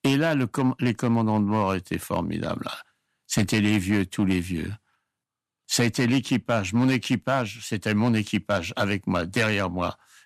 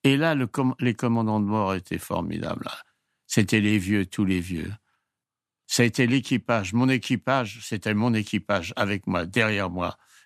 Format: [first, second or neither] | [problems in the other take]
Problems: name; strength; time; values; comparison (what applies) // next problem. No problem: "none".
second | distortion; slight; 4% of the sound clipped